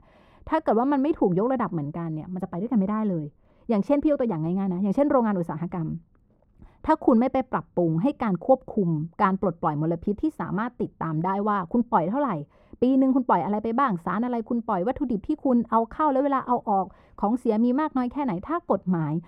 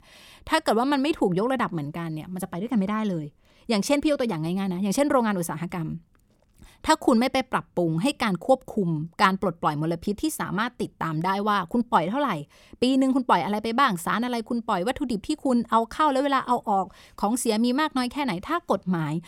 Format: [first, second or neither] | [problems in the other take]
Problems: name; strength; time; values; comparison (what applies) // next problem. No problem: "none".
second | muffled; very; fading above 2.5 kHz